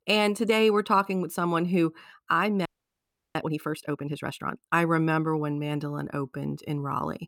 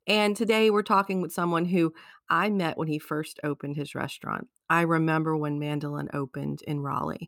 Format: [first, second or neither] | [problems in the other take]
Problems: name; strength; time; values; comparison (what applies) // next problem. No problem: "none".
second | audio freezing; at 2.5 s for 0.5 s